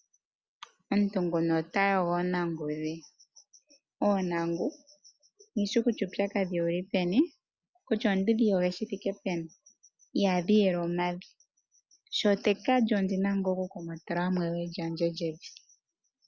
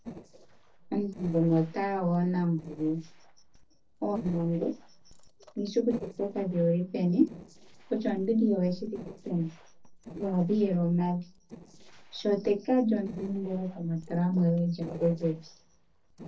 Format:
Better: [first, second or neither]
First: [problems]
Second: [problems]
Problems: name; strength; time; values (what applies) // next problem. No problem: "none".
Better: first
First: none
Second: noise reduction (neural separator model SepFormer DNS4)